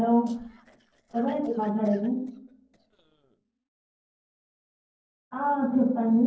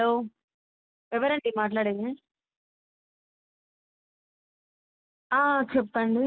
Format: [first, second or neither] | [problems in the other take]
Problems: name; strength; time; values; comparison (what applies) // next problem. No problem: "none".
second | noise reduction (neural separator model SepFormer DNS4)